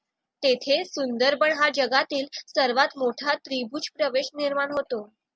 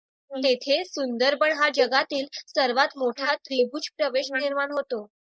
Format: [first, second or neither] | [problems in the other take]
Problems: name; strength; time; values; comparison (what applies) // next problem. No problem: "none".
first | noise reduction (neural mask model Resemble Enhance denoiser)